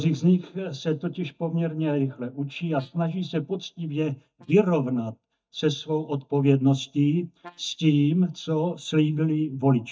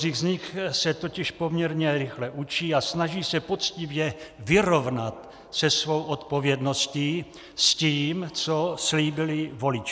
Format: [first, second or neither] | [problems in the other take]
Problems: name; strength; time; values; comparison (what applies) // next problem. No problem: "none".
second | noise reduction (neural mask model DeepFilterNet 3)